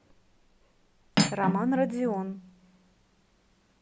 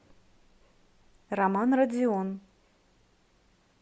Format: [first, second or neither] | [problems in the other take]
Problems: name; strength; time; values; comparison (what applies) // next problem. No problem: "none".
second | background sound (Cutlery, silverware); as loud as the speech